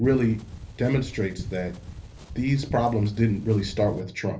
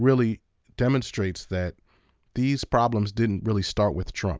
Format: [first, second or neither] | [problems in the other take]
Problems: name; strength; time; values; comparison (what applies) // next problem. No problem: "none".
second | background sound (Wind); 13 dB below the speech // room echo; dies away in 0.3 s